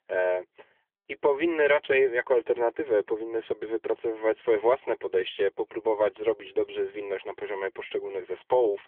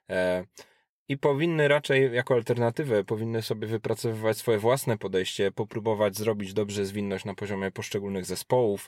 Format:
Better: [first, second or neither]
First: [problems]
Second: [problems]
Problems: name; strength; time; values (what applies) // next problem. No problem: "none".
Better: second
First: phone-call audio; nothing above 3.5 kHz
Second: none